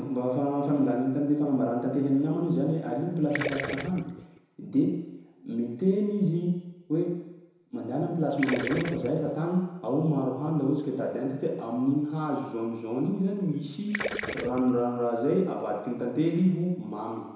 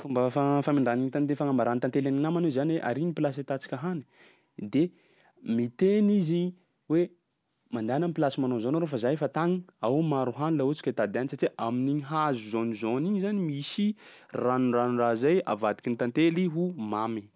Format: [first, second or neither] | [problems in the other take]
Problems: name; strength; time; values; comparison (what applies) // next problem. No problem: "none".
second | background sound (Gurgling); 10 dB below the speech // room echo; dies away in 1 s